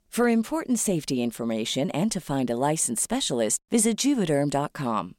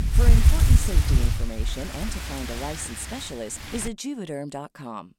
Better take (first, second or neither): first